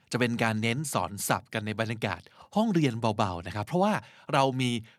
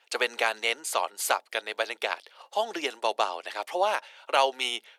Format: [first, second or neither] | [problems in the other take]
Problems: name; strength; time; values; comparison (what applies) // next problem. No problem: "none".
first | thin; very; fading below 450 Hz